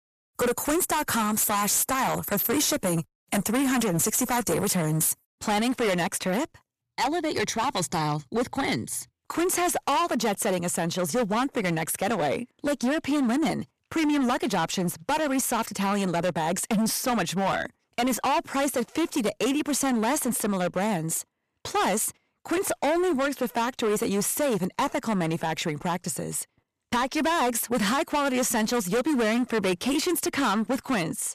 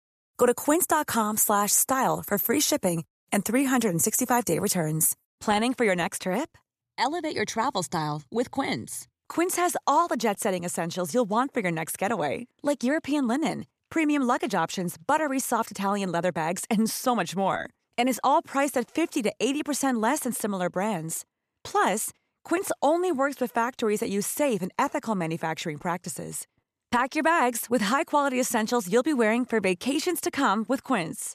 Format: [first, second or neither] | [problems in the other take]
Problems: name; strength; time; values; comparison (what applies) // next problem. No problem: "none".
second | distortion; heavy; 19% of the sound clipped